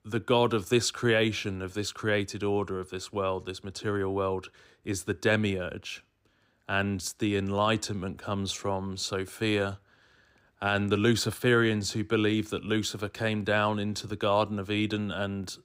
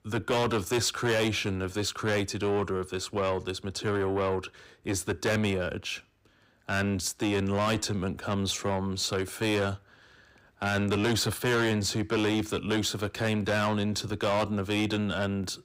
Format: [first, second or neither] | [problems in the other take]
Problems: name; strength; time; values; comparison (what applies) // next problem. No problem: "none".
first | distortion; heavy; 8 dB below the speech